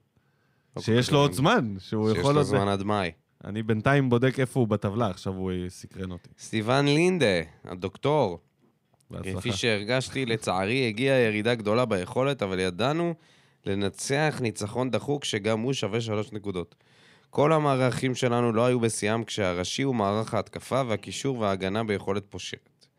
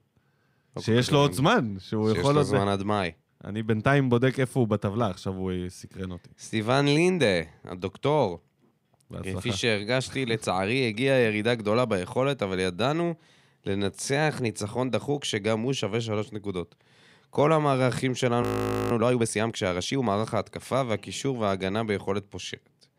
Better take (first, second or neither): first